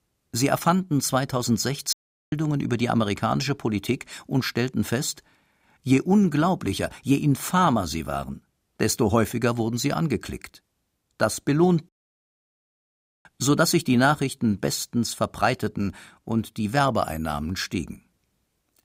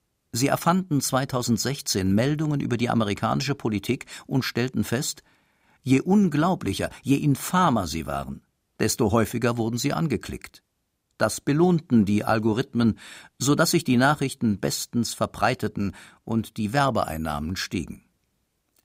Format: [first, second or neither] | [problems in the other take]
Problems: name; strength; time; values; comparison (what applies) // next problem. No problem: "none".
second | audio cutting out; at 2 s and at 12 s for 1.5 s